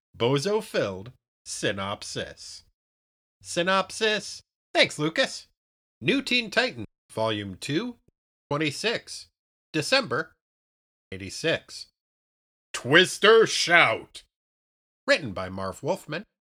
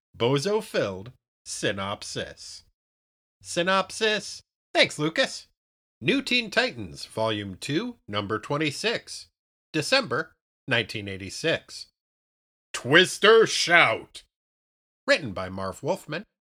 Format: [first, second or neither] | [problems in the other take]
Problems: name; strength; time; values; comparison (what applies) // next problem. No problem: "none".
second | audio cutting out; at 7 s, at 8 s and at 10 s for 0.5 s